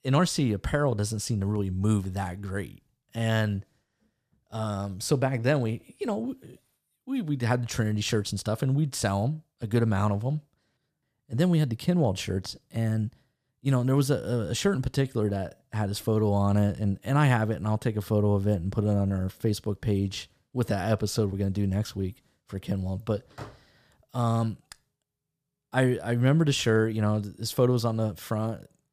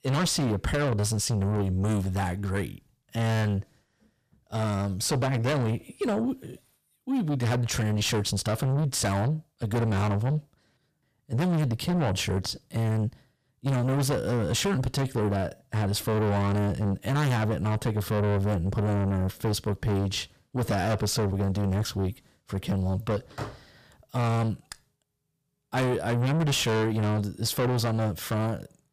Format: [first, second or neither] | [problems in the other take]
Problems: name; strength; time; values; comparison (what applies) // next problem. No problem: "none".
first | distortion; heavy; 6 dB below the speech